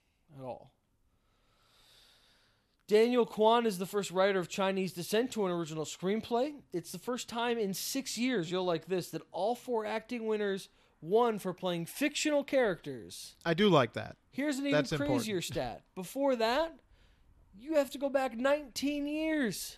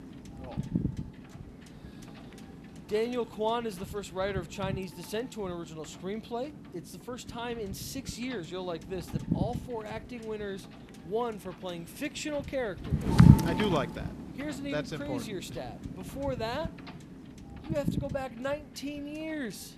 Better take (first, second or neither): first